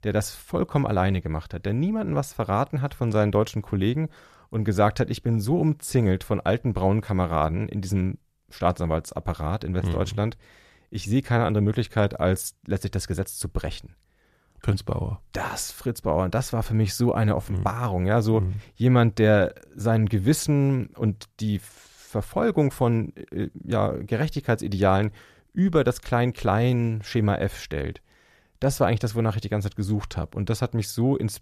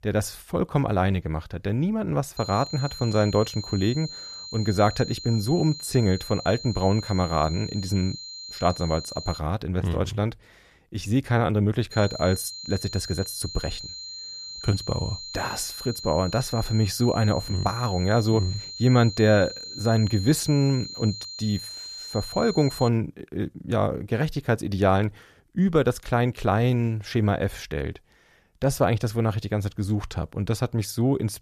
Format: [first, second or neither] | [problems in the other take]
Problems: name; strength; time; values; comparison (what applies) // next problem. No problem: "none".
first | high-pitched whine; noticeable; from 2.5 to 9.5 s and from 12 to 23 s; 4 kHz, 10 dB below the speech